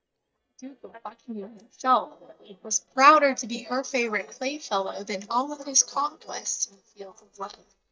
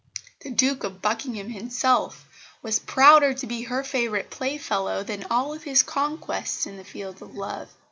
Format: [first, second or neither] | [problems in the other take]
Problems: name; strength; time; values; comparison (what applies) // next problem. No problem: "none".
second | noise reduction (neural mask model DeepFilterNet 3)